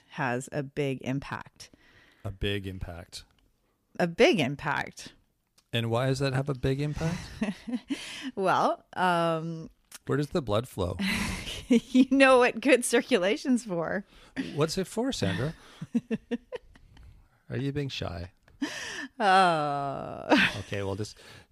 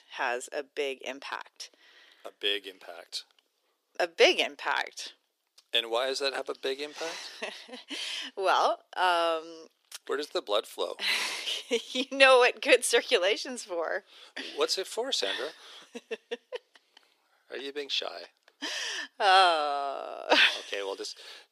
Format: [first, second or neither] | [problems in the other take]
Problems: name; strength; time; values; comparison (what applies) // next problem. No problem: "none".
first | thin; very; fading below 350 Hz